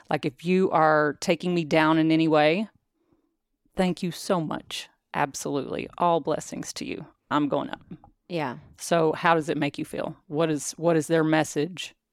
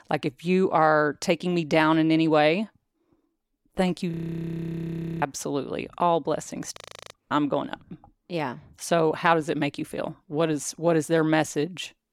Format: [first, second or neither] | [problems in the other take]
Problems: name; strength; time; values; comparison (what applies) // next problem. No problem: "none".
first | audio freezing; at 4 s for 1 s and at 7 s